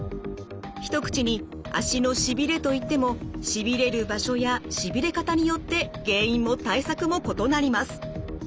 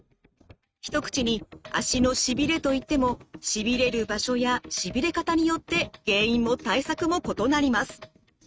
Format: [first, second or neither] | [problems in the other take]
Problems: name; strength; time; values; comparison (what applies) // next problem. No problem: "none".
first | noise reduction (neural mask model RNNoise)